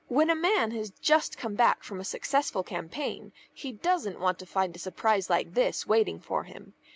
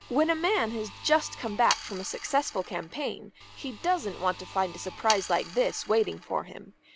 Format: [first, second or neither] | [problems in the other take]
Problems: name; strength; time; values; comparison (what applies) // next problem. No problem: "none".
first | background sound (Sawing); 13 dB below the speech